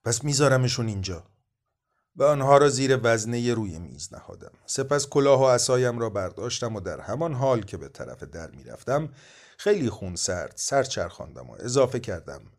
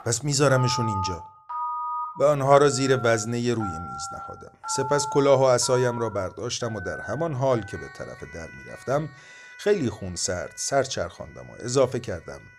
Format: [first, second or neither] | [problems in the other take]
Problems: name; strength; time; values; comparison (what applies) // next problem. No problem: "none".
first | alarms or sirens; noticeable; throughout; 10 dB below the speech